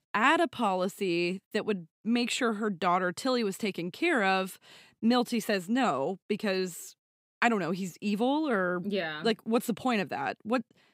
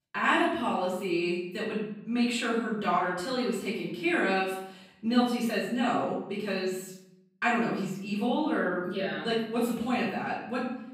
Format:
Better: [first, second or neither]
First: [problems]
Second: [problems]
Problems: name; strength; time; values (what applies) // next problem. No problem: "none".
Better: first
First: none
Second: off-mic speech; far // room echo; noticeable; dies away in 0.7 s